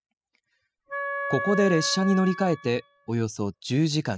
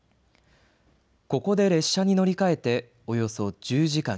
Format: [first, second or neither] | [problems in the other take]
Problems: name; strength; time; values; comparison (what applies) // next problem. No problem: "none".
second | noise reduction (classical method spectral subtraction)